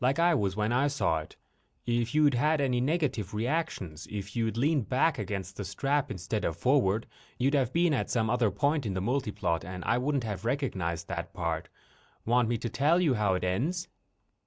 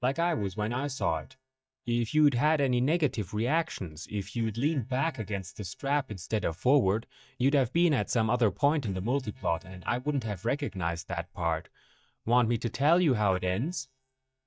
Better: first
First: none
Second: noise reduction (neural mask model DeepFilterNet 3)

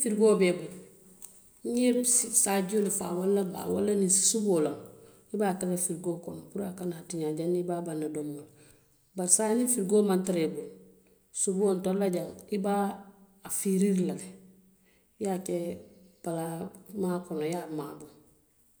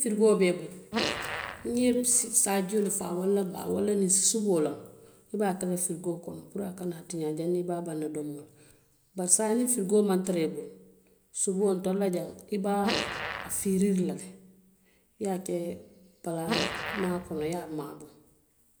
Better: first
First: none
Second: background sound (Fart); 5 dB below the speech

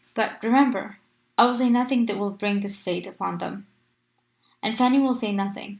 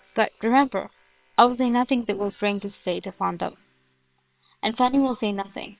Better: first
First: none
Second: noise reduction (neural separator model SepFormer WHAM!)

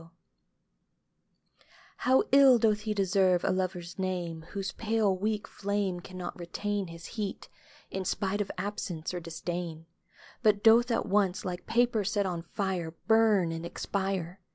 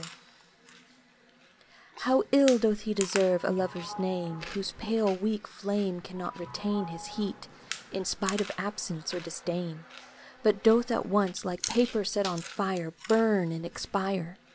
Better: first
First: none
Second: background sound (Chewing, mastication + Sliding door / Doorbell); 15 dB below the speech

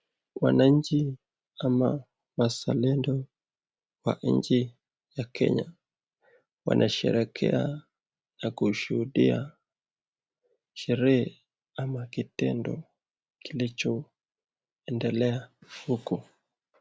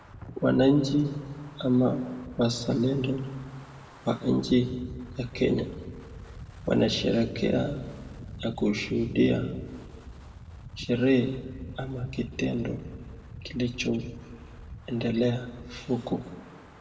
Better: first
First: none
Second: background sound (Wind); 16 dB below the speech // room echo; dies away in 1.3 s

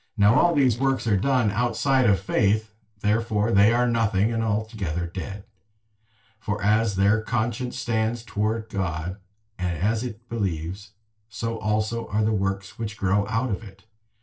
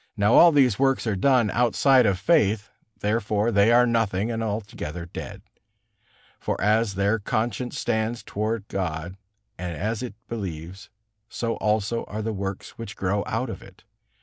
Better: second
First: noise reduction (neural separator model SepFormer DNS4)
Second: none

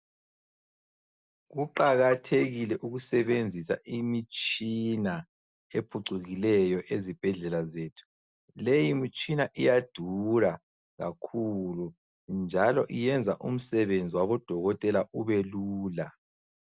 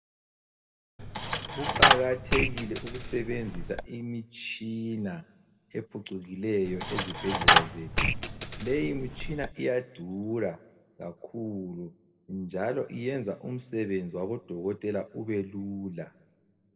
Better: first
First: none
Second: background sound (Coin (dropping)); 5 dB above the speech // room echo; dies away in 0.9 s

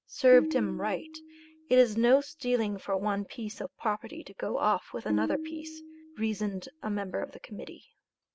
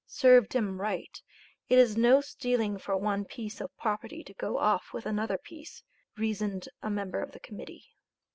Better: second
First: background sound (Tabla); 8 dB below the speech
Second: none

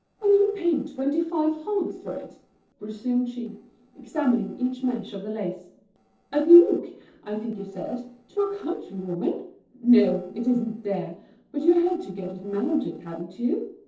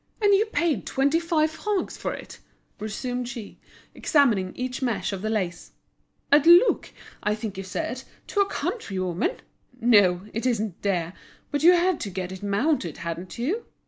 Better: second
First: noise reduction (neural separator model SepFormer DNS4)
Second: none

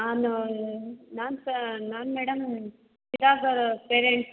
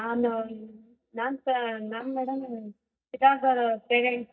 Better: first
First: none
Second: noise reduction (neural mask model DeepFilterNet 3)

